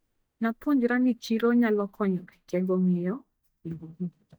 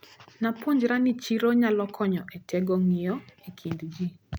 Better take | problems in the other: second | noise reduction (neural mask model DeepFilterNet 3)

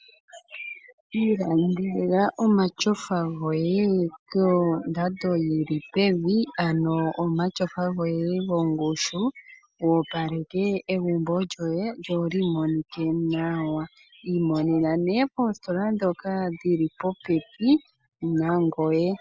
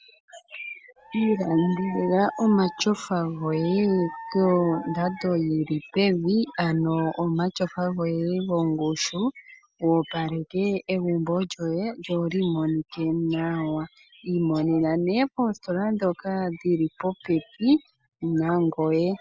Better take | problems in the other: first | background sound (Dog); 14 dB below the speech

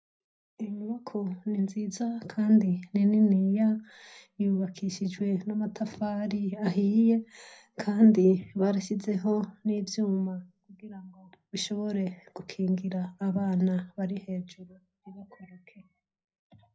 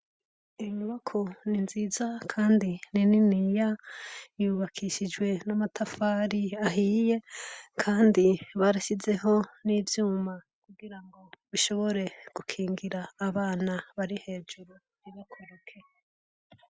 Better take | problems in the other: second | room echo; dies away in 0.4 s

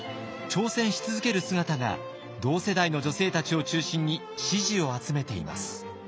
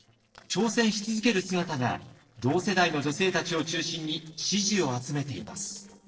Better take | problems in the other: first | noise reduction (neural separator model SepFormer DNS4)

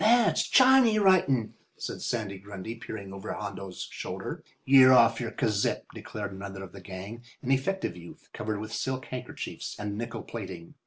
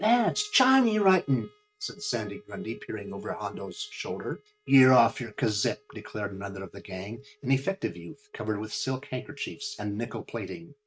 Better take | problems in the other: first | noise reduction (neural mask model RNNoise)

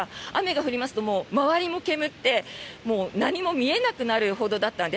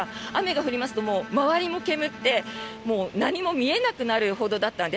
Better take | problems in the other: first | background sound (Bowed string instrument); 16 dB below the speech

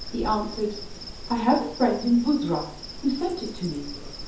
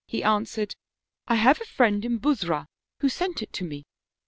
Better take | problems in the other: second | background sound (Insect); 11 dB below the speech // room echo; dies away in 0.6 s

